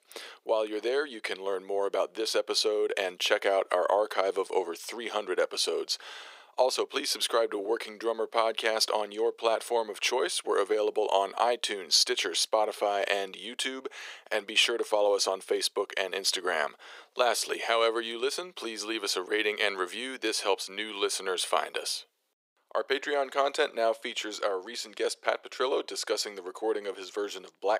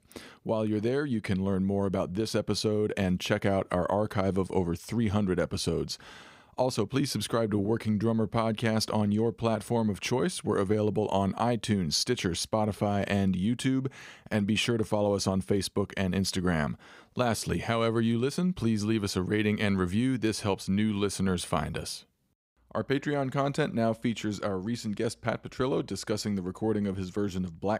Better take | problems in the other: second | thin; very; fading below 400 Hz

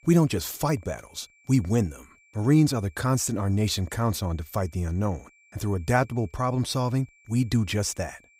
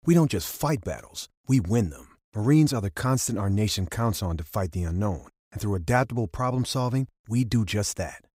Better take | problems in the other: second | high-pitched whine; faint; throughout; 2.5 kHz, 30 dB below the speech

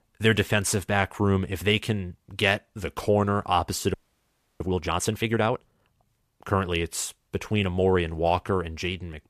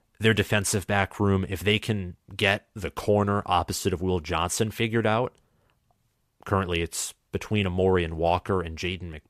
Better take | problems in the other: second | audio freezing; at 4 s for 0.5 s

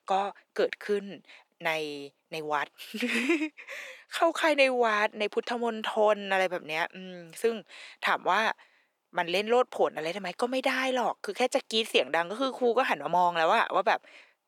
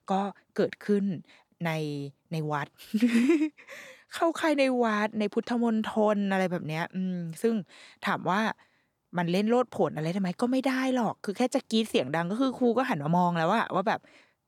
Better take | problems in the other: second | thin; somewhat; fading below 500 Hz

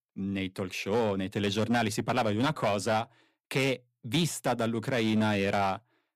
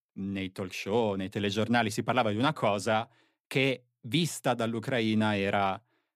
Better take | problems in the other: second | distortion; slight; 7% of the sound clipped

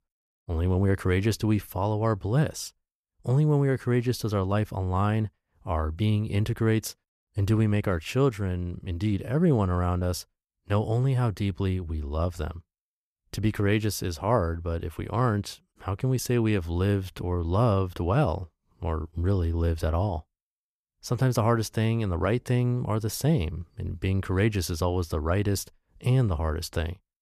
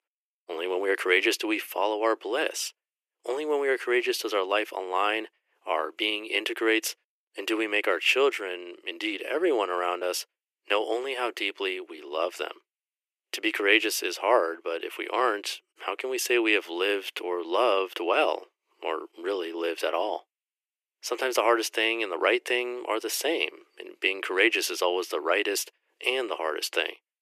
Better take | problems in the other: first | thin; very; fading below 350 Hz

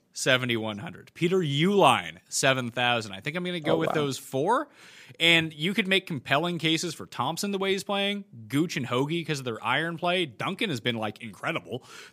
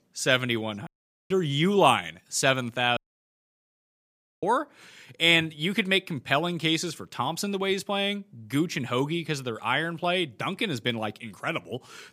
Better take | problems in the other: first | audio cutting out; at 1 s and at 3 s for 1.5 s

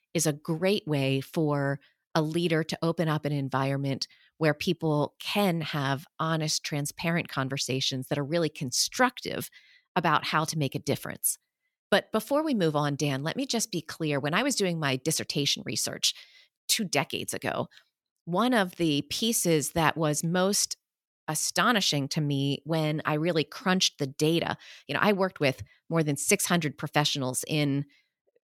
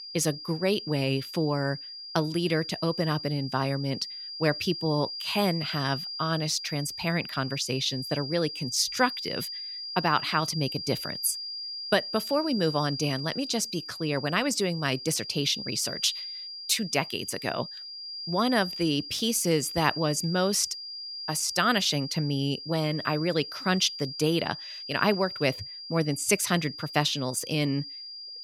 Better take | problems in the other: first | high-pitched whine; loud; throughout; 5 kHz, 8 dB below the speech

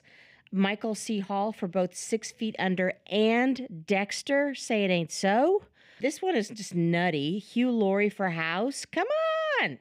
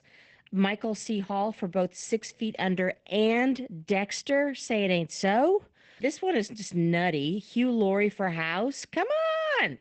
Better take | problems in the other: first | garbled, watery; badly; nothing above 8 kHz

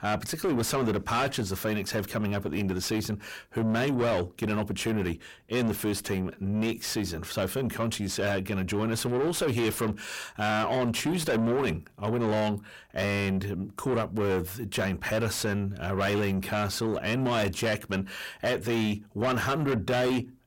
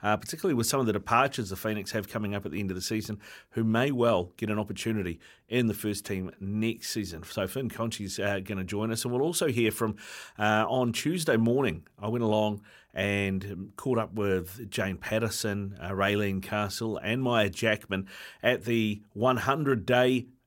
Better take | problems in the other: second | distortion; heavy; 7 dB below the speech

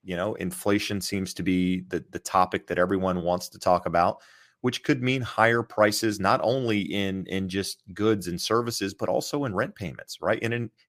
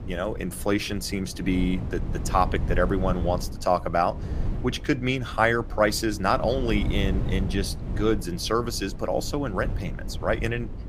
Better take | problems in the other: first | wind noise on the microphone; occasional gusts; 15 dB below the speech

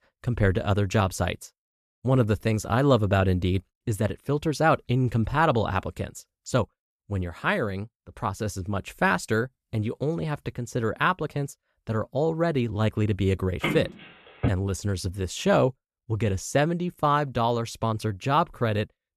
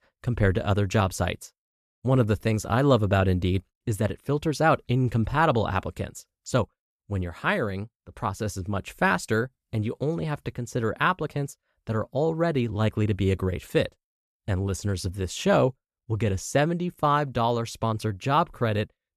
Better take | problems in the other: second | phone ringing; noticeable; at 14 s; peak 3 dB below the speech

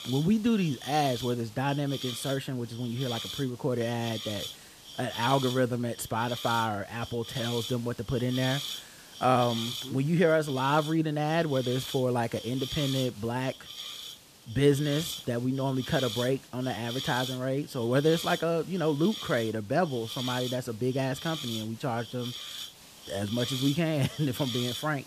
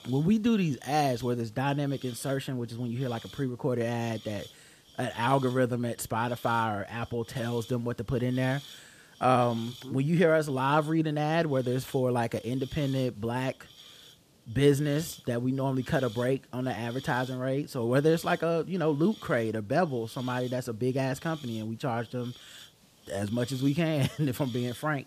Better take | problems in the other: second | hiss; loud; throughout; 9 dB below the speech; faint in the second

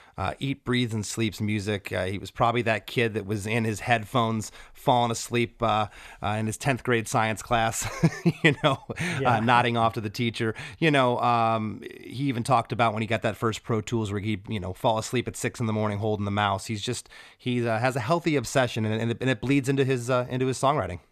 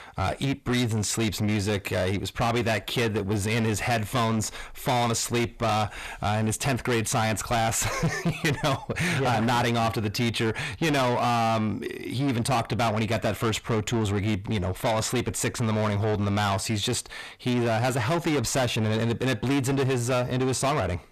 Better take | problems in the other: first | distortion; heavy; 6 dB below the speech

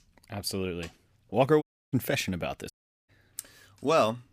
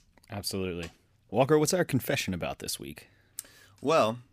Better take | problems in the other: second | audio cutting out; at 1.5 s and at 2.5 s

